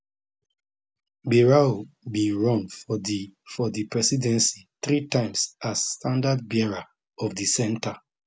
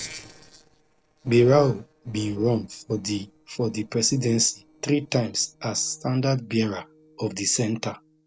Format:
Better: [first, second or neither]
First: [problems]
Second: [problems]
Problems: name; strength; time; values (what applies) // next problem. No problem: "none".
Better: first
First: none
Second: noise reduction (neural separator model SepFormer DNS4)